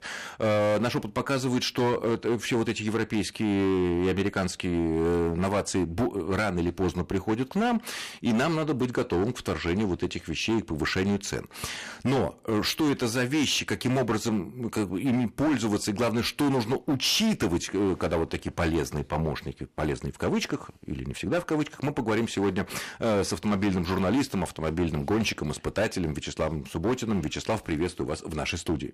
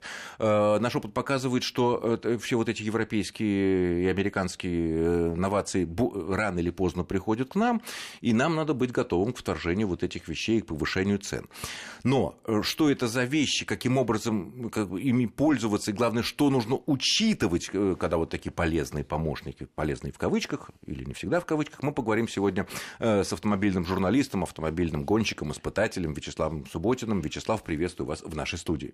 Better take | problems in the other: second | distortion; slight; 12% of the sound clipped

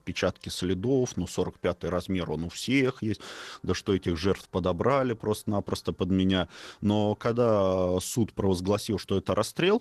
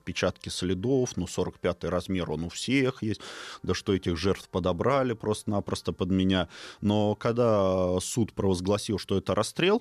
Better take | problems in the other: second | garbled, watery; slightly; nothing above 14.5 kHz

